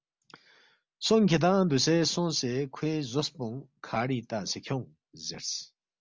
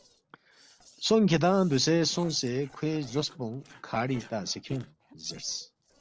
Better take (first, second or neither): first